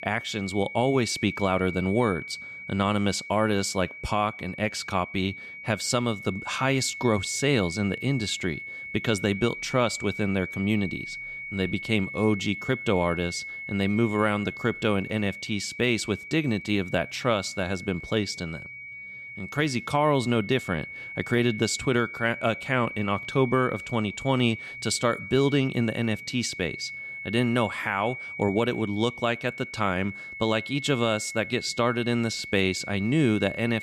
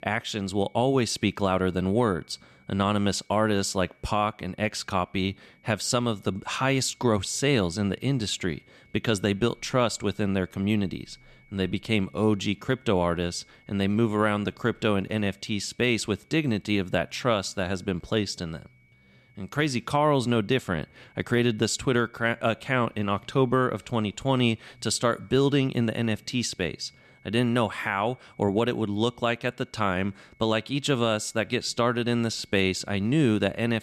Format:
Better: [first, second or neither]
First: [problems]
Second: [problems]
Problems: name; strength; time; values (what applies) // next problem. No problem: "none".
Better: second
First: high-pitched whine; loud; throughout; 2 kHz, 10 dB below the speech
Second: high-pitched whine; faint; throughout; 2 kHz, 35 dB below the speech